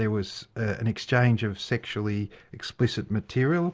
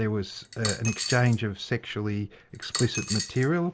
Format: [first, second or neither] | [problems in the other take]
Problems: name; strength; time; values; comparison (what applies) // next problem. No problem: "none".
first | background sound (Coin (dropping)); 7 dB below the speech